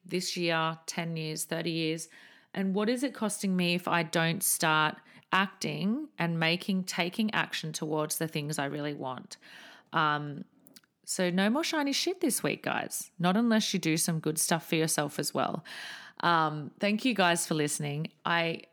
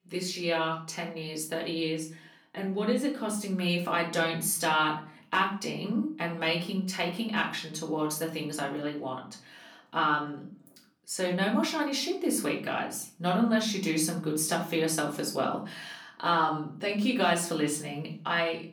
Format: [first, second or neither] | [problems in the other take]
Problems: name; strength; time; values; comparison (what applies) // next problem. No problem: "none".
first | off-mic speech; far // room echo; slight; dies away in 0.4 s